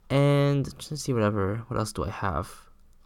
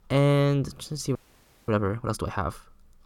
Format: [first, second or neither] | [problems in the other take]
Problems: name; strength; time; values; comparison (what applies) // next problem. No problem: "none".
first | audio freezing; at 1 s for 0.5 s